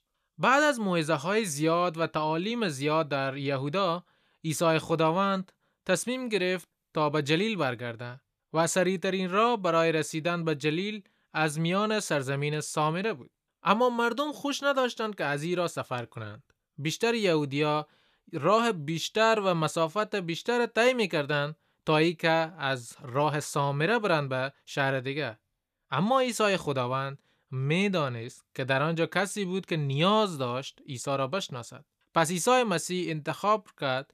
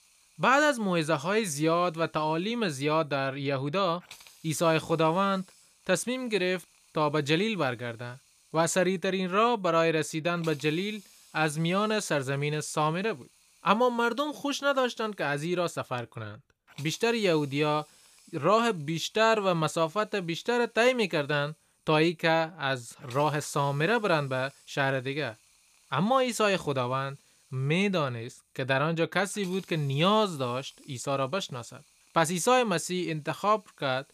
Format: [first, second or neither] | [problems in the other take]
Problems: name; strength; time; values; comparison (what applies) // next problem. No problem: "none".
first | hiss; faint; throughout; 30 dB below the speech